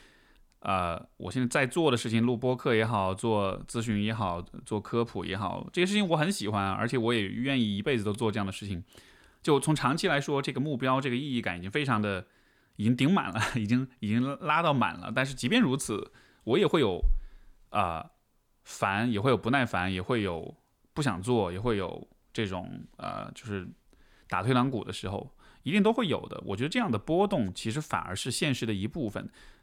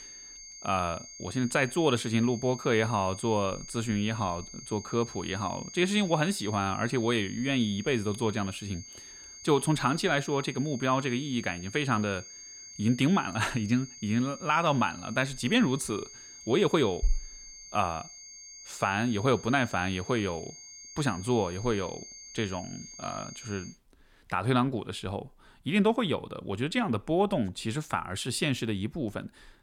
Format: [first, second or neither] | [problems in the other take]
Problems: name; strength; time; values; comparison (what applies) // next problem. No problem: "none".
first | high-pitched whine; noticeable; until 24 s; 6.5 kHz, 15 dB below the speech